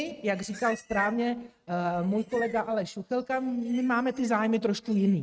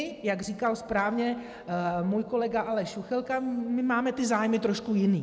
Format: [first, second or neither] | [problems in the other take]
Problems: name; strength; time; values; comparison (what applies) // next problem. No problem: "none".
second | noise reduction (neural mask model RNNoise)